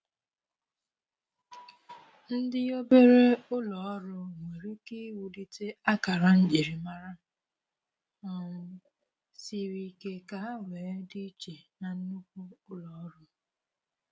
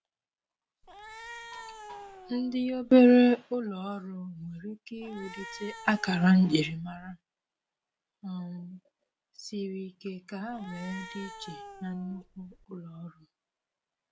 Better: first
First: none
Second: background sound (Cat); 17 dB below the speech

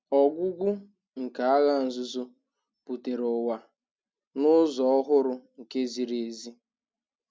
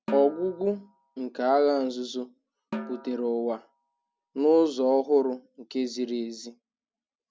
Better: first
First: none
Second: background sound (Snare drum); 16 dB below the speech

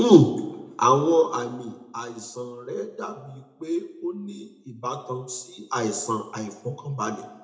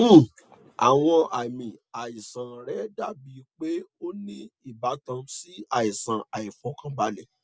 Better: second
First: room echo; dies away in 0.6 s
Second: none

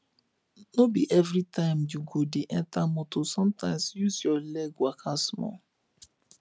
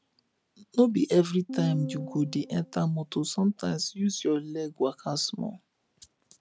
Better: first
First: none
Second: background sound (Piano); 10 dB below the speech

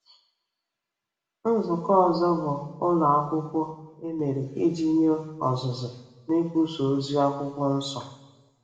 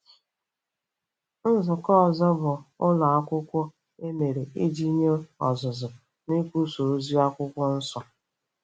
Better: second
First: room echo; dies away in 0.9 s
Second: none

